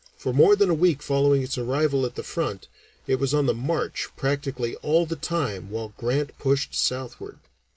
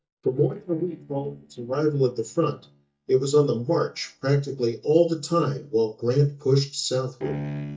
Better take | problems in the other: first | noise reduction (neural mask model DeepFilterNet 3)

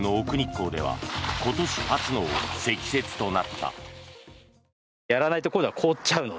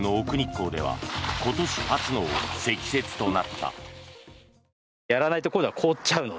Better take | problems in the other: first | background sound (Bowed string instrument); 12 dB below the speech

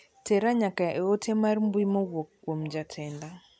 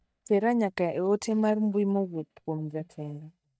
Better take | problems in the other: first | noise reduction (neural mask model DeepFilterNet 3)

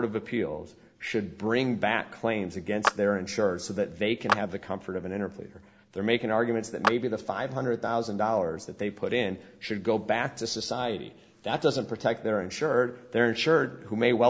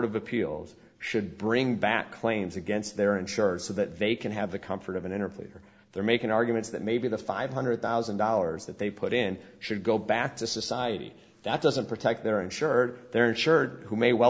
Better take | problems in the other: second | background sound (Clapping); 6 dB below the speech

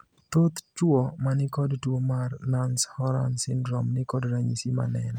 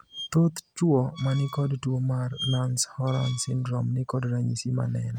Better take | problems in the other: first | background sound (Squeak); 16 dB below the speech

